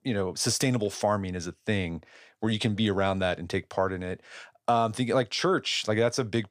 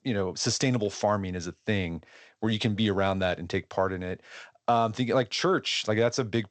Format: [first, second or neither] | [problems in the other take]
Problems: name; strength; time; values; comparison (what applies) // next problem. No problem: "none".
first | garbled, watery; slightly; nothing above 8 kHz